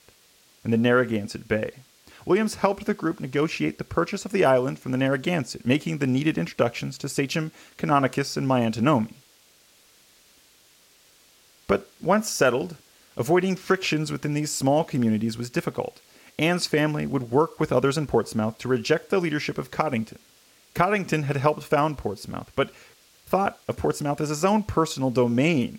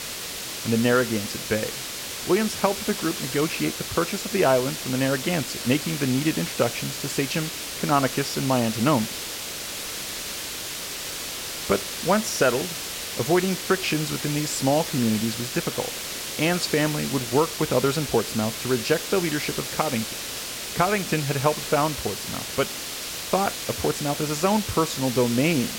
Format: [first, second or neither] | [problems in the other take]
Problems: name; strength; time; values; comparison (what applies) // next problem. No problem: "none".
first | hiss; loud; throughout; 5 dB below the speech; faint in the first